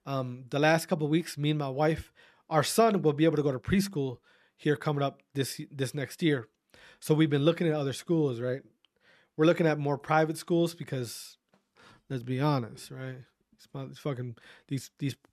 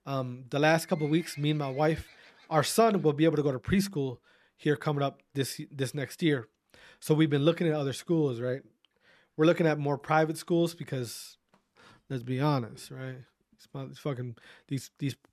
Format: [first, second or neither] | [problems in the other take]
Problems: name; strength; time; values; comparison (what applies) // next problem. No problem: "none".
first | animal sounds; faint; throughout; 25 dB below the speech